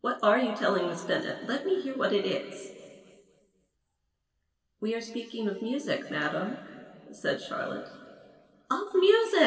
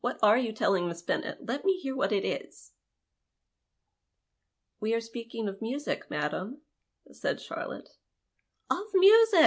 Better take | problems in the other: second | room echo; dies away in 2.2 s

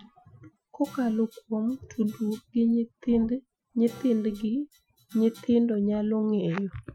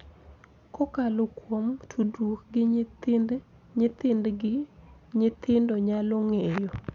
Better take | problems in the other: second | noise reduction (classical method Wiener filter)

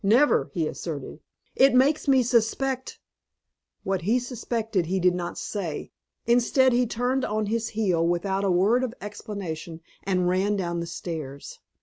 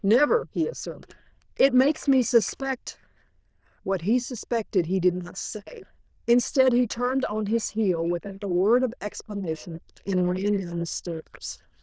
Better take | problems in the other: first | noise reduction (neural diffusion model UNIVERSE++)

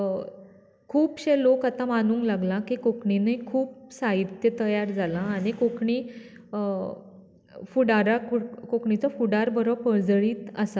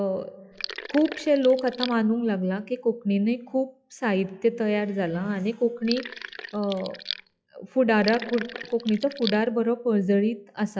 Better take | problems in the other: first | noise reduction (classical method log-MMSE)

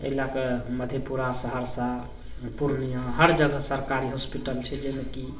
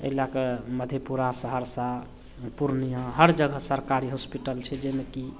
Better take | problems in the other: second | room echo; dies away in 0.5 s

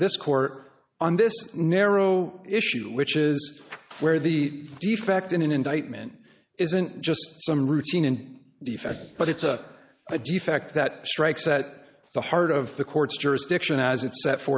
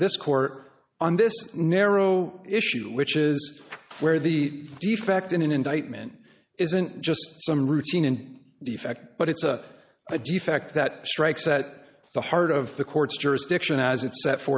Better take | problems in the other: second | noise reduction (neural mask model Resemble Enhance denoiser)

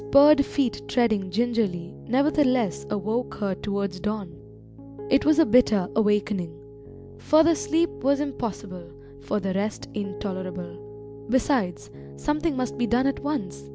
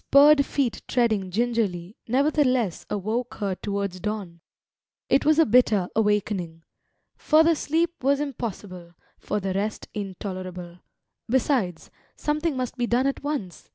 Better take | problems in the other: second | background sound (Piano); 14 dB below the speech

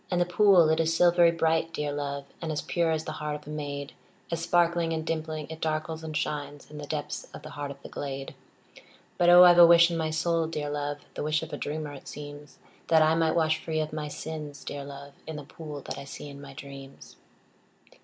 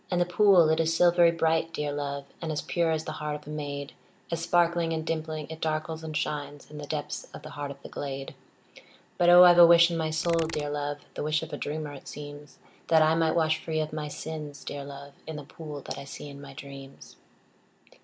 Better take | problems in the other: first | background sound (Computer keyboard); 17 dB below the speech

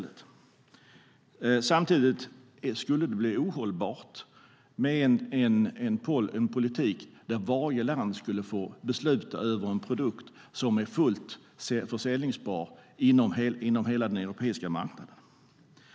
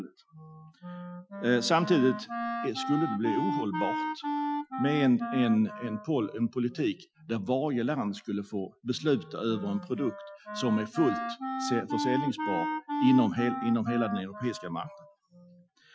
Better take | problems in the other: first | noise reduction (classical method Wiener filter)

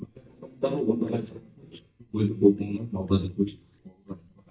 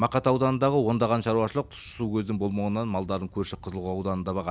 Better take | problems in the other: second | noise reduction (neural mask model DeepFilterNet 3)

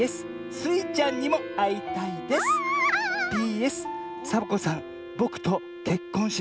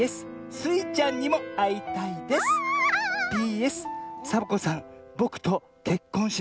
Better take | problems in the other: second | background sound (Wind instrument, woodwind instrument); 12 dB below the speech

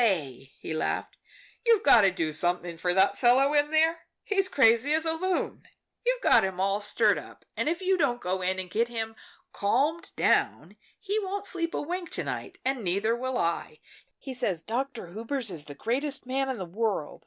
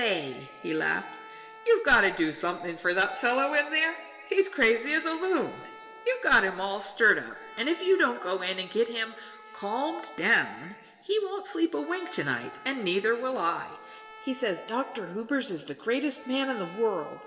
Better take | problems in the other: first | background sound (Trumpet); 20 dB below the speech // room echo; dies away in 1.6 s

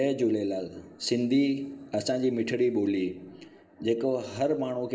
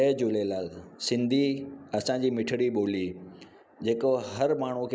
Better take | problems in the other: second | room echo; dies away in 1.9 s

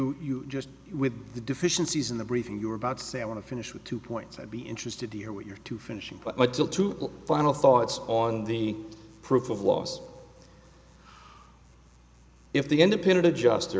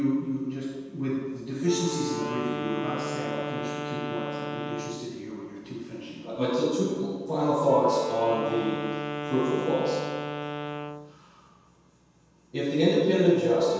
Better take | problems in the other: first | background sound (Wind instrument, woodwind instrument); 8 dB below the speech // room echo; dies away in 1.2 s

